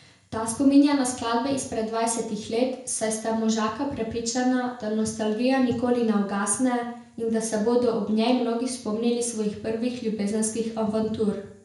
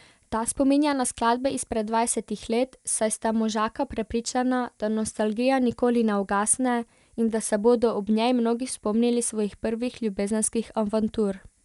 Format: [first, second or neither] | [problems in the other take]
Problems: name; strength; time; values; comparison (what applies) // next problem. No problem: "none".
second | room echo; dies away in 0.5 s